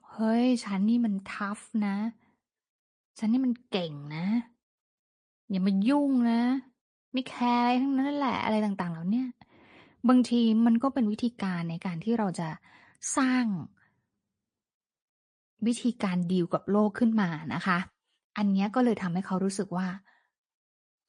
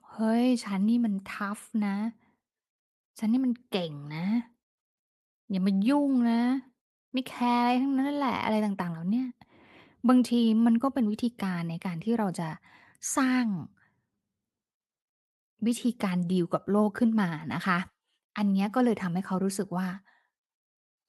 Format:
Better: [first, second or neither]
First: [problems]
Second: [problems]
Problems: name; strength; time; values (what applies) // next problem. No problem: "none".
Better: second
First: garbled, watery; slightly; nothing above 8 kHz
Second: none